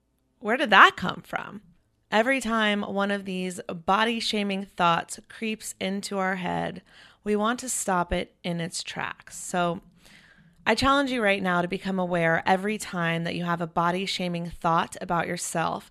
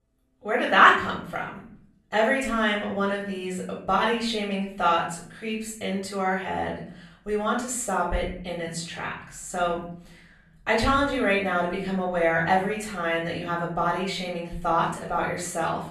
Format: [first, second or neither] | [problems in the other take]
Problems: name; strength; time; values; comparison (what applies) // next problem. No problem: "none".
first | off-mic speech; far // room echo; noticeable; dies away in 0.5 s